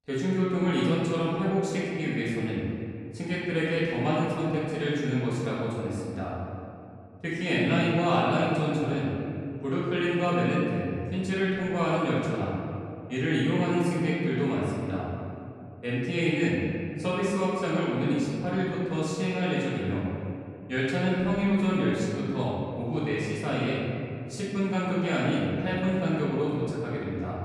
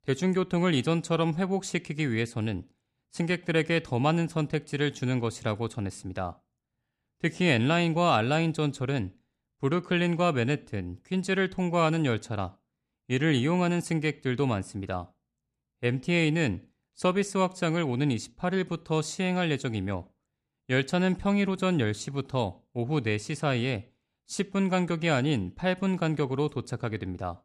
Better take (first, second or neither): second